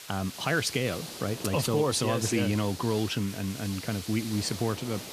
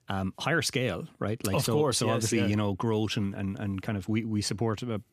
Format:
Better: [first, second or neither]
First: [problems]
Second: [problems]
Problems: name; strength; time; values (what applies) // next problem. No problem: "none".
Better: second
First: hiss; noticeable; throughout; 10 dB below the speech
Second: none